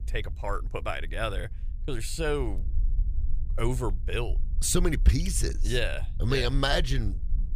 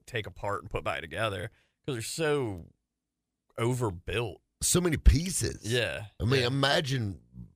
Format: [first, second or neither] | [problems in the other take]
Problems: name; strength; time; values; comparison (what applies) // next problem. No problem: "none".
second | low rumble; faint; throughout; 25 dB below the speech